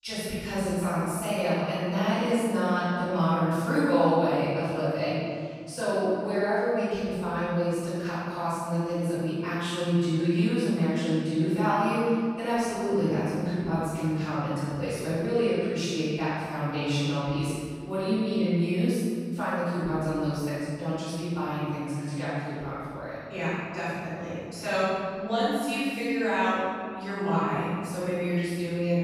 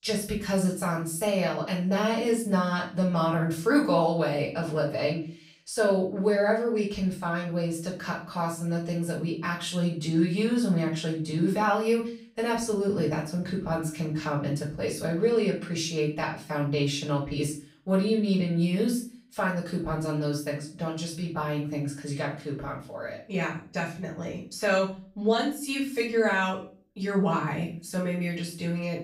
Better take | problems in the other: second | room echo; strong; dies away in 2 s; slight in the second // off-mic speech; far; far in the second

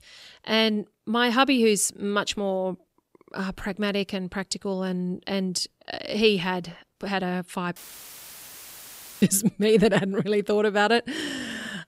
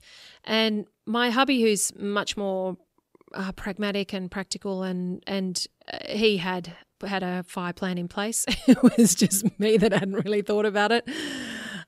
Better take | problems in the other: second | audio cutting out; filled with static; at 8 s for 1.5 s

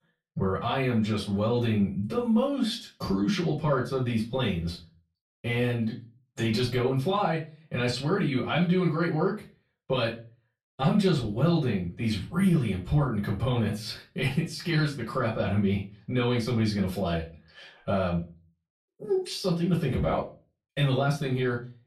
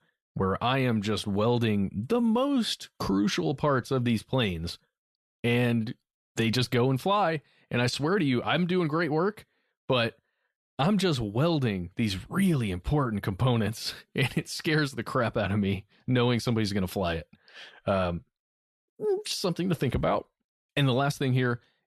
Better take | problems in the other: second | off-mic speech; far // room echo; very slight; dies away in 0.3 s

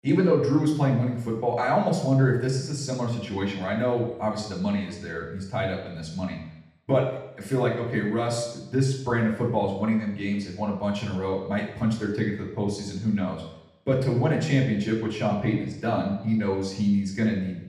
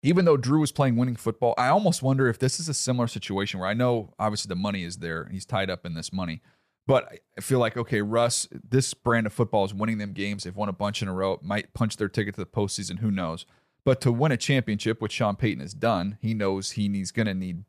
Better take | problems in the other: second | room echo; noticeable; dies away in 0.8 s // off-mic speech; far

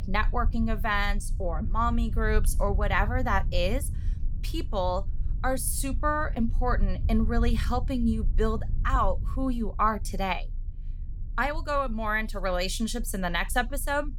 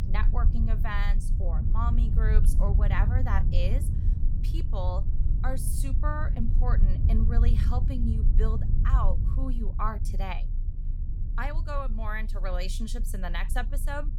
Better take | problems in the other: first | low rumble; loud; throughout; 9 dB below the speech; faint in the first

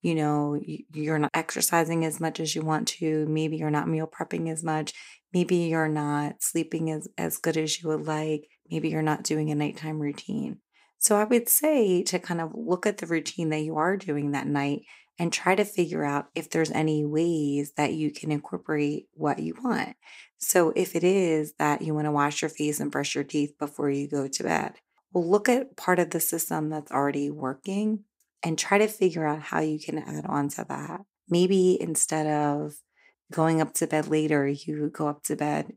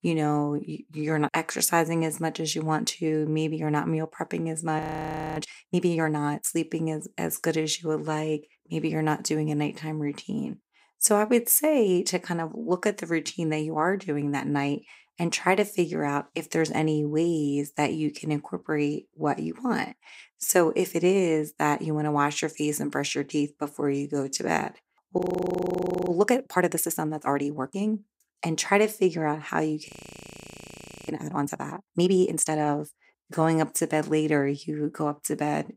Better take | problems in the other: first | audio freezing; at 5 s for 0.5 s, at 25 s for 1 s and at 30 s for 1 s

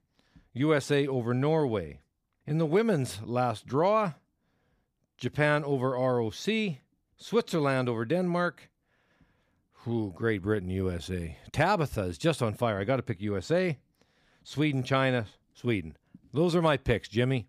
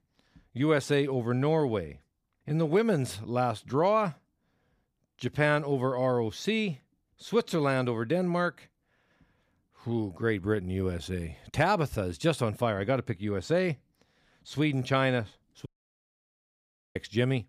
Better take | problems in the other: first | audio cutting out; at 16 s for 1.5 s

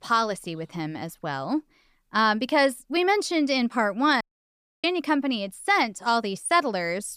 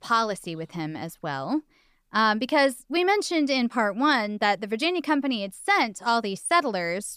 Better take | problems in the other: second | audio cutting out; at 4 s for 0.5 s

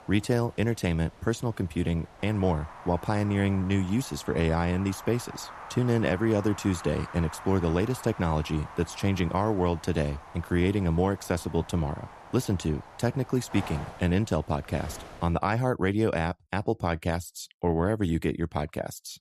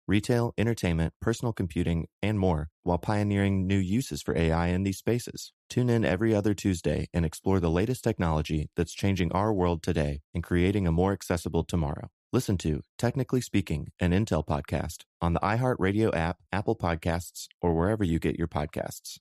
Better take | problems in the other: second | wind noise on the microphone; occasional gusts; until 15 s; 10 dB below the speech

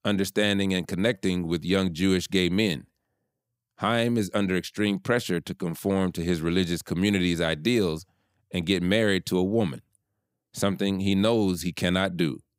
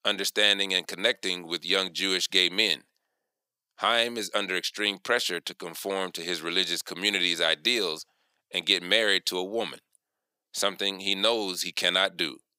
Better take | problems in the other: first | thin; very; fading below 550 Hz

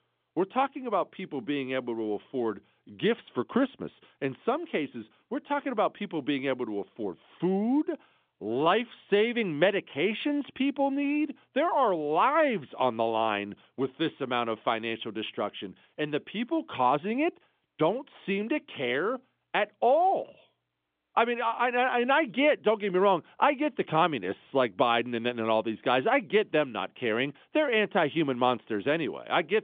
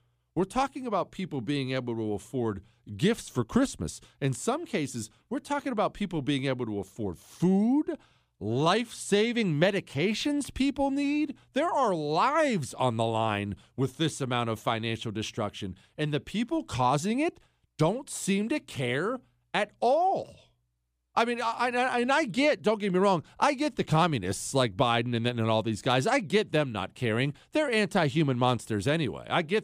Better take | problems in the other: second | phone-call audio; nothing above 3.5 kHz

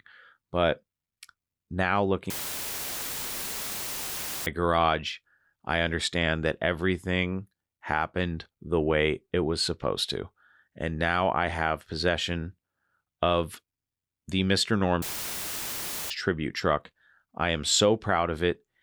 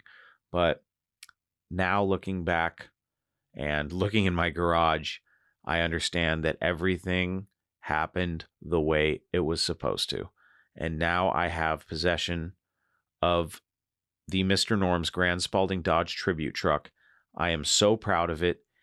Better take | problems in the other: second | audio cutting out; filled with static; at 2.5 s for 2 s and at 15 s for 1 s

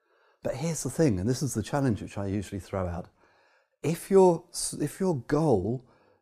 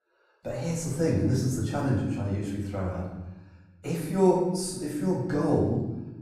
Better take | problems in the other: first | off-mic speech; far // room echo; noticeable; dies away in 1 s

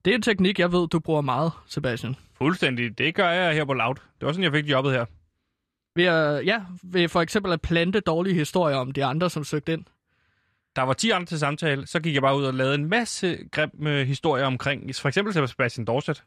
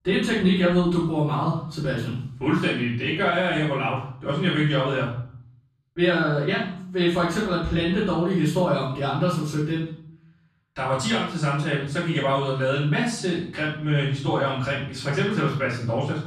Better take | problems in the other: first | off-mic speech; far // room echo; noticeable; dies away in 0.5 s

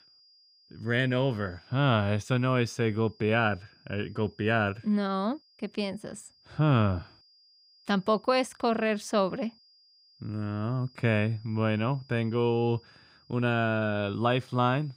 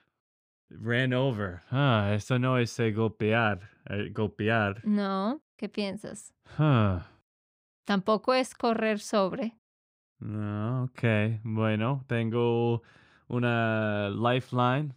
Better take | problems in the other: second | high-pitched whine; faint; throughout; 5 kHz, 30 dB below the speech

